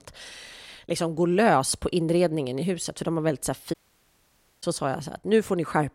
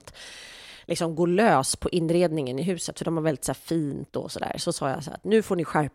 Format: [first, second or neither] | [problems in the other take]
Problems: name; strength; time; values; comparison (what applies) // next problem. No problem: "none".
second | audio cutting out; at 3.5 s for 1 s